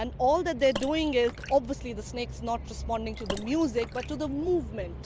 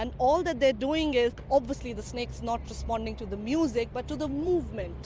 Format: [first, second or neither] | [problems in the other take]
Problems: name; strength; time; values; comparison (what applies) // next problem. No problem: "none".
second | background sound (Water / Splash, splatter); 14 dB below the speech